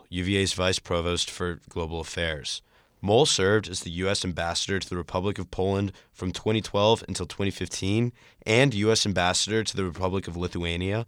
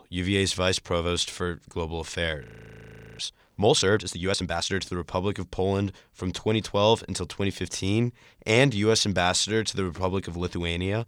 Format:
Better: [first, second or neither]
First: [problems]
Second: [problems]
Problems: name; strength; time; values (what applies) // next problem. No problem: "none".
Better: first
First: none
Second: audio freezing; at 2.5 s for 1 s